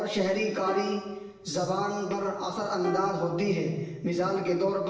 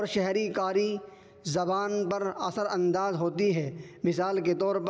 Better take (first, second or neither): second